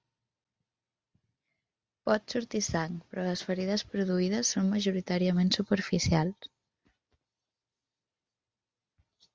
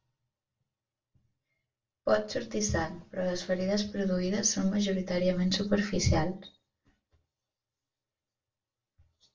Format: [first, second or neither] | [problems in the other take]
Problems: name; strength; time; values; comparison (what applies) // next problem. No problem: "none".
first | room echo; dies away in 0.3 s